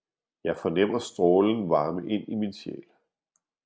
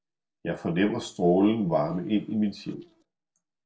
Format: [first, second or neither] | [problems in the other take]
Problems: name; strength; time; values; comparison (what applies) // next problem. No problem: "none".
first | noise reduction (neural separator model SepFormer DNS4)